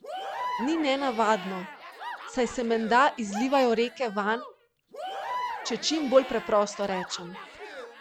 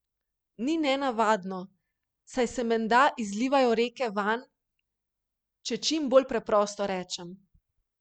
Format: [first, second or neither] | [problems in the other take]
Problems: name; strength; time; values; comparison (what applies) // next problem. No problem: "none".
second | background sound (Crowd / Cheering); 10 dB below the speech